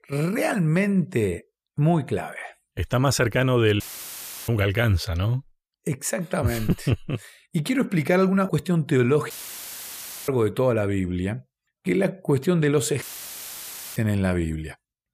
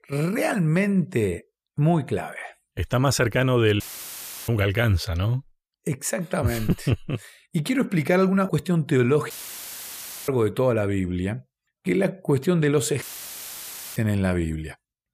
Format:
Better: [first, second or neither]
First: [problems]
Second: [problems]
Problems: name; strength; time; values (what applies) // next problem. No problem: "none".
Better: neither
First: audio cutting out; filled with static; at 4 s for 0.5 s, at 9.5 s for 1 s and at 13 s for 1 s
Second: audio cutting out; filled with static; at 4 s for 0.5 s, at 9.5 s for 1 s and at 13 s for 1 s